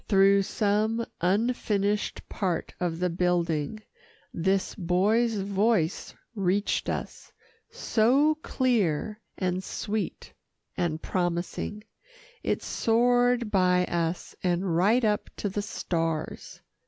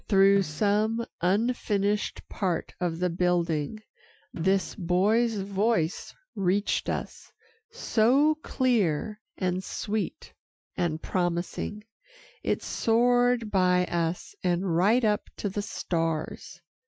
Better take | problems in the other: first | noise reduction (classical method Wiener filter)

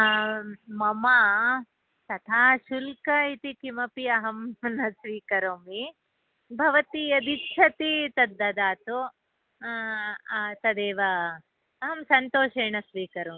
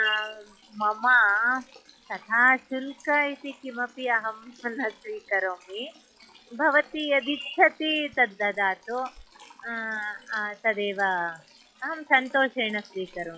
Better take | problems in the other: first | noise reduction (classical method log-MMSE)

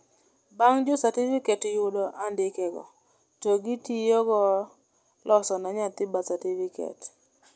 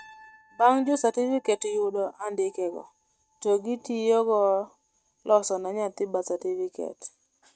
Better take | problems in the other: first | noise reduction (neural mask model RNNoise)

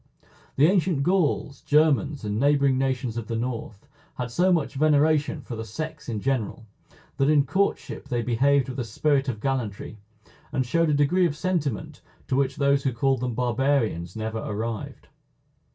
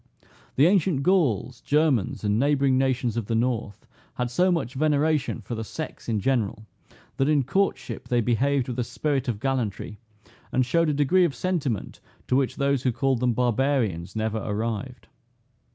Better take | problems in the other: second | room echo; dies away in 0.1 s

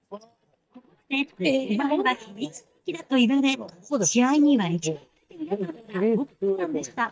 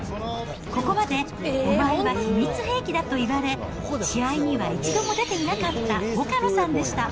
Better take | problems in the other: second | noise reduction (neural mask model DeepFilterNet 3)

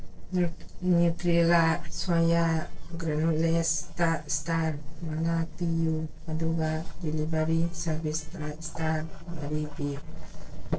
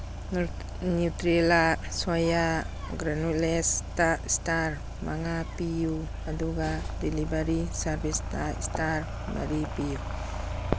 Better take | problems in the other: second | noise reduction (neural separator model SepFormer DNS4)

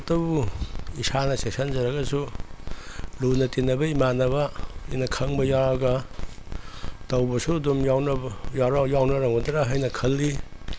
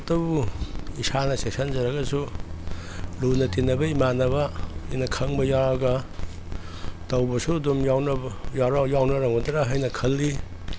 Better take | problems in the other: first | background sound (Car passing by); 14 dB below the speech

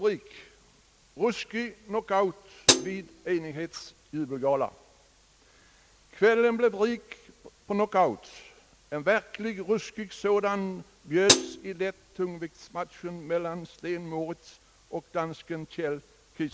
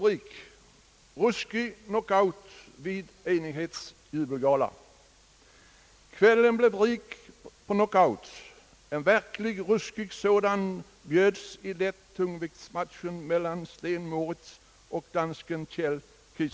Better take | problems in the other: second | background sound (Hi-hat); 3 dB above the speech

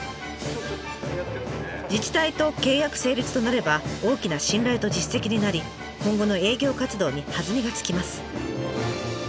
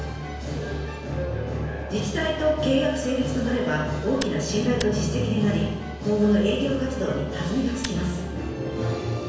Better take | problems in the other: first | background sound (Tick); 14 dB below the speech // room echo; dies away in 1.2 s

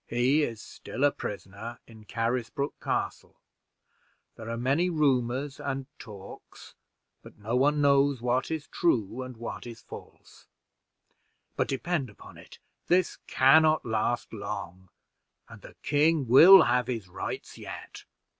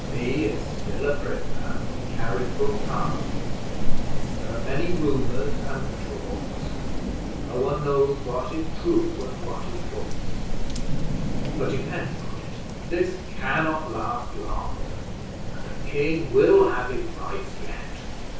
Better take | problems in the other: first | background sound (Rain); 4 dB above the speech // room echo; dies away in 0.6 s

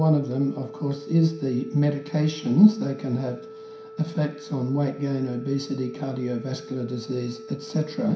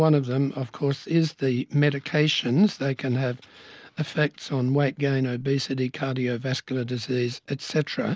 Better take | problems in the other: second | background sound (Organ); 16 dB below the speech // room echo; dies away in 0.5 s

